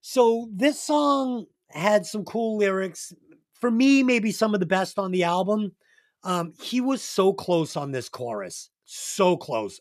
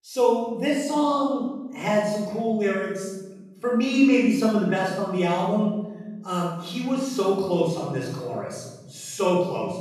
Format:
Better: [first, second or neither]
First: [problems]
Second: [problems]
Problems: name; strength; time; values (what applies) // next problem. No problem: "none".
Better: first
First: none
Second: off-mic speech; far // room echo; noticeable; dies away in 1.3 s